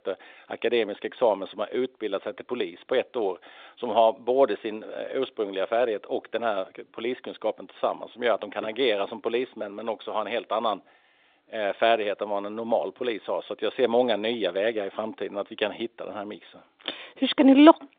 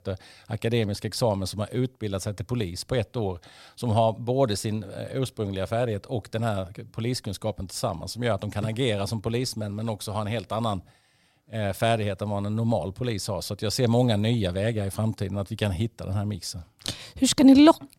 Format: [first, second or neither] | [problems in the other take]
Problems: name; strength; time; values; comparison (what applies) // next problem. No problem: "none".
second | phone-call audio; nothing above 3.5 kHz